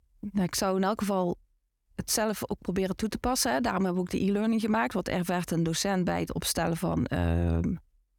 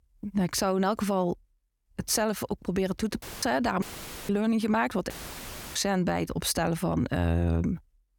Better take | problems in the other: first | audio cutting out; filled with static; at 3 s, at 4 s and at 5 s for 0.5 s

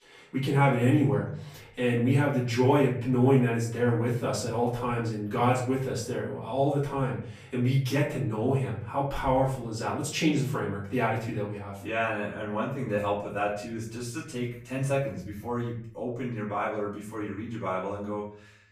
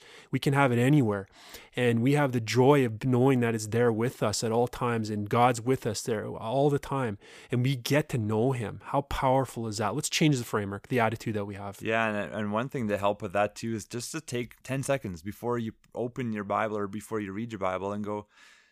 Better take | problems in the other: second | off-mic speech; far // room echo; noticeable; dies away in 0.6 s

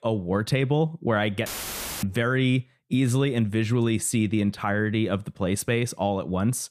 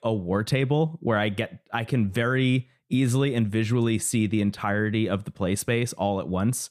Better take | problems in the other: second | audio cutting out; filled with static; at 1.5 s for 0.5 s

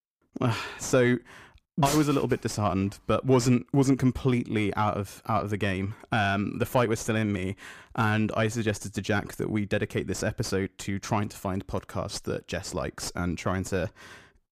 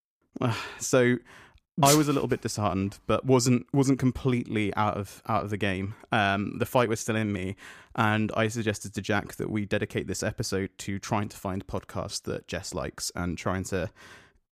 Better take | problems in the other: second | distortion; slight; 10 dB below the speech

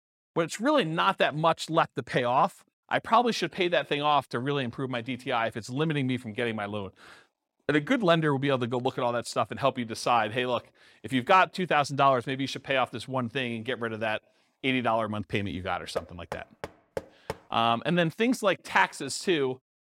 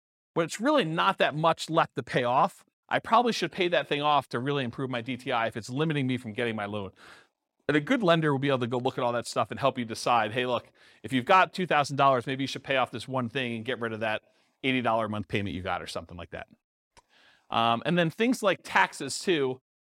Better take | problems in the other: second | door banging; faint; from 16 to 17 s; peak 10 dB below the speech

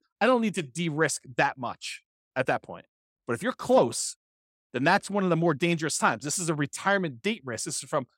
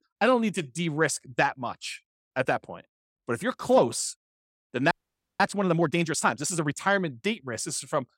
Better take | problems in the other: first | audio freezing; at 5 s

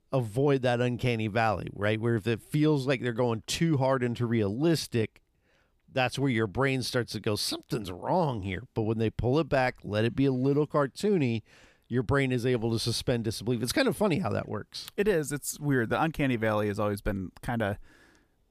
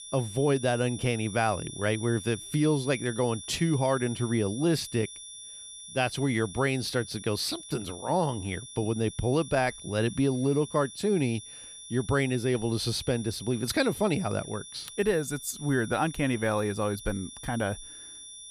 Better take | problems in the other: first | high-pitched whine; noticeable; throughout; 3.5 kHz, 15 dB below the speech

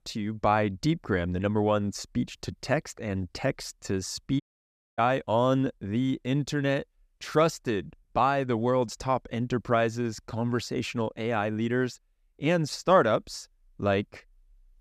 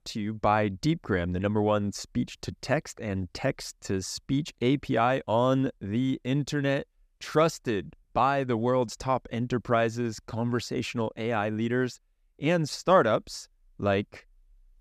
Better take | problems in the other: second | audio cutting out; at 4.5 s for 0.5 s

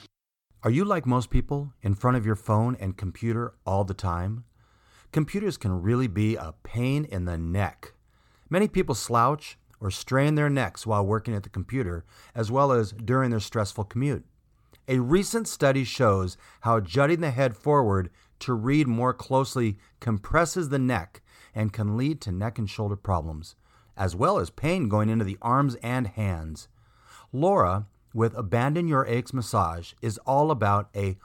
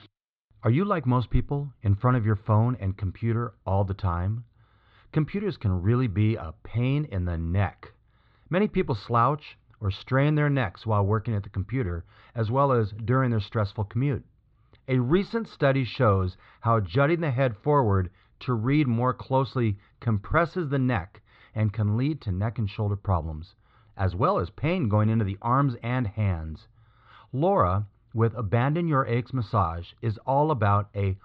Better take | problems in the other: first | muffled; slightly; fading above 4 kHz

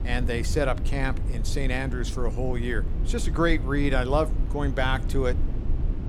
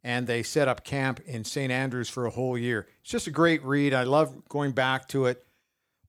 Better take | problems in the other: second | low rumble; noticeable; throughout; 15 dB below the speech

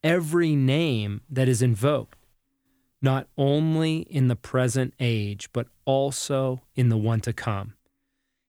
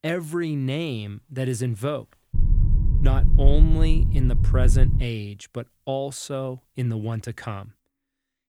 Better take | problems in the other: first | low rumble; loud; from 2.5 to 5 s; 7 dB below the speech

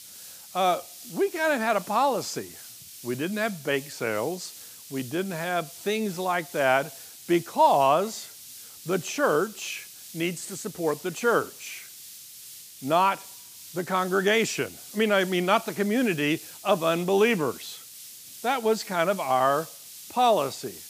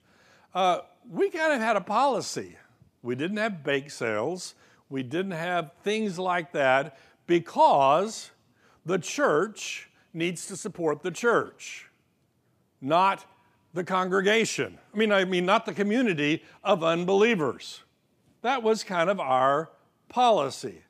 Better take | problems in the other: second | hiss; noticeable; throughout; 15 dB below the speech

